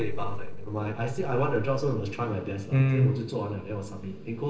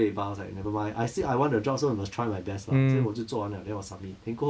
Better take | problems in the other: second | noise reduction (neural separator model SepFormer DNS4)

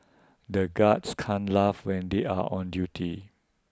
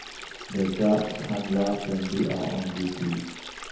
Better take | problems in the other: first | background sound (Stream); 12 dB below the speech // room echo; dies away in 1 s

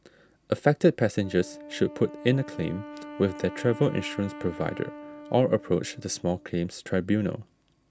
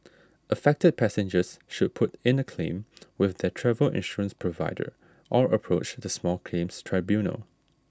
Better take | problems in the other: second | background sound (Wind instrument, woodwind instrument); 16 dB below the speech

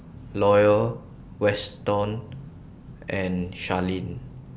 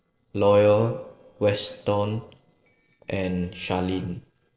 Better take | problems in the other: first | noise reduction (neural separator model SepFormer DNS4)

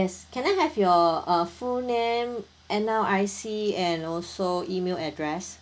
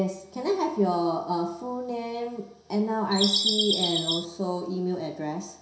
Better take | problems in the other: first | background sound (Bird vocalization, bird call, bird song); 2 dB above the speech // room echo; dies away in 0.7 s

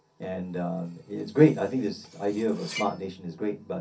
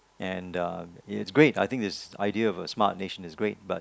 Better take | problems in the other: second | background sound (Cutlery, silverware); 19 dB below the speech // room echo; dies away in 0.3 s

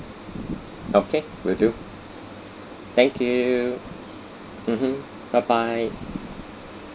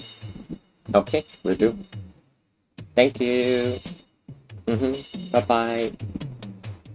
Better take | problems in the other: first | noise reduction (neural mask model RNNoise)

